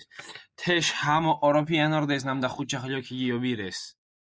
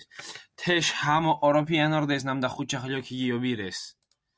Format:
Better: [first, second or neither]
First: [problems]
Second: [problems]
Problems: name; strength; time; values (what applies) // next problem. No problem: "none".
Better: second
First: noise reduction (neural mask model Resemble Enhance denoiser)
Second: none